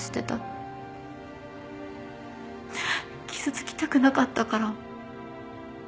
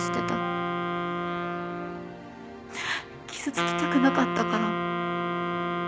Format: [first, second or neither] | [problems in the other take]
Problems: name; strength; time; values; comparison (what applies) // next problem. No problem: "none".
first | background sound (Wind instrument, woodwind instrument); 2 dB above the speech